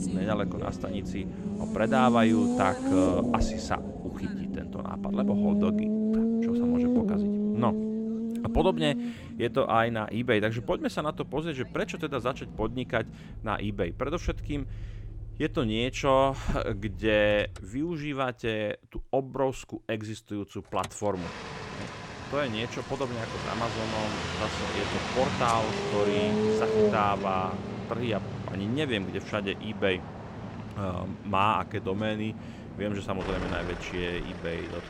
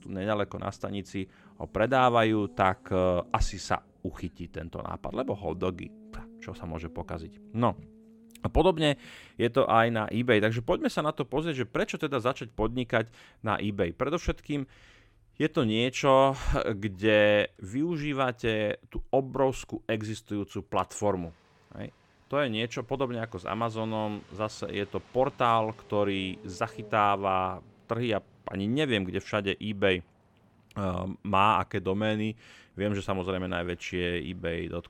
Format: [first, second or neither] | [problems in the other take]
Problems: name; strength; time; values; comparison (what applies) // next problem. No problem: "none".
second | traffic noise; loud; throughout; 1 dB below the speech; faint in the second